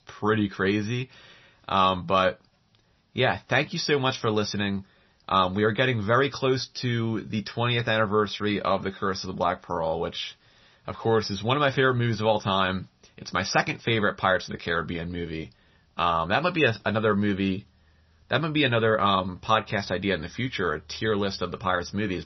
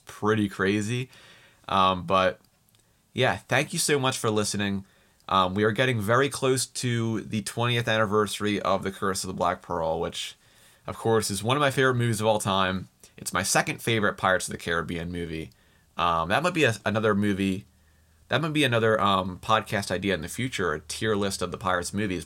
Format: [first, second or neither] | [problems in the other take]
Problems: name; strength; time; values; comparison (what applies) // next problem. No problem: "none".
second | garbled, watery; slightly; nothing above 6 kHz